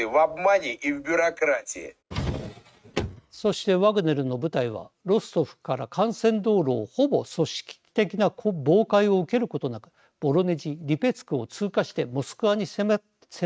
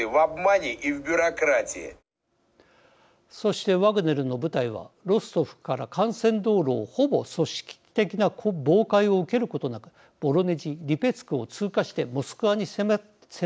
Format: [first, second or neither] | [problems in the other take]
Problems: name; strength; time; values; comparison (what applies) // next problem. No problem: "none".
second | noise reduction (neural mask model RNNoise)